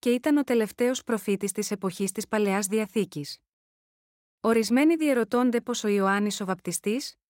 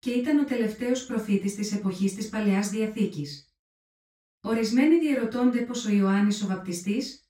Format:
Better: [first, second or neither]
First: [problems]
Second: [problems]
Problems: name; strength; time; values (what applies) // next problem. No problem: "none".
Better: first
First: none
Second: room echo; noticeable; dies away in 0.3 s // off-mic speech; far